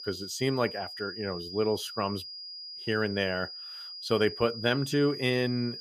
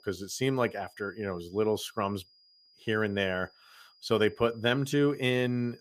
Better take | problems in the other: second | high-pitched whine; loud; throughout; 5 kHz, 9 dB below the speech; faint in the second

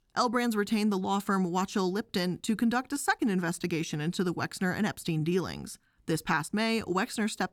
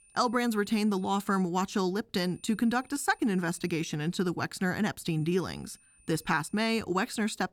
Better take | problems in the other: first | high-pitched whine; faint; until 1.5 s, from 2 to 4 s and from 5 to 6.5 s; 9 kHz, 30 dB below the speech

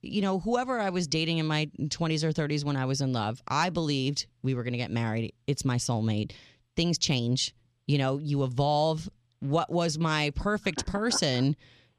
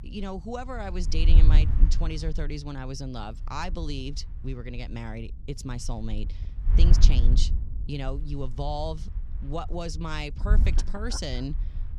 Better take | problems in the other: first | wind noise on the microphone; heavy; 10 dB below the speech

